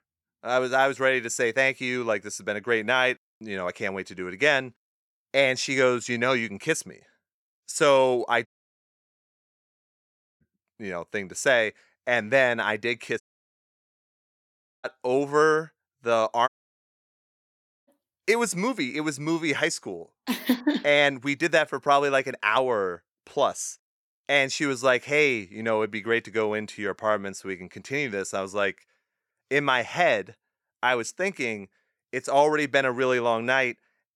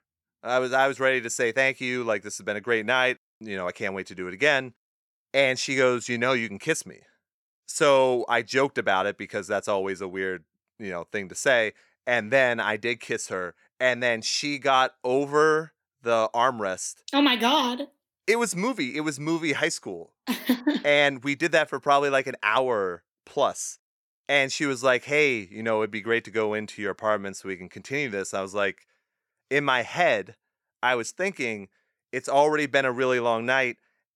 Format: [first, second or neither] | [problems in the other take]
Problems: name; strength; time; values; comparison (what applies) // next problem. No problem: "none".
second | audio cutting out; at 8.5 s for 2 s, at 13 s for 1.5 s and at 16 s for 1.5 s